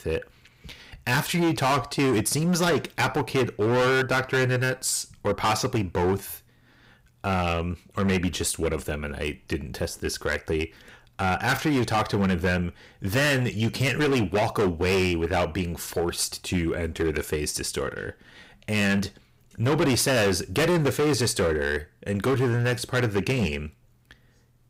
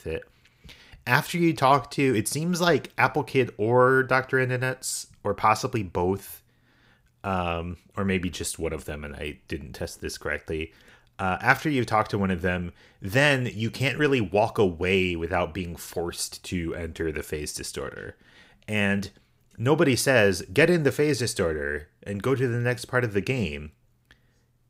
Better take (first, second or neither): second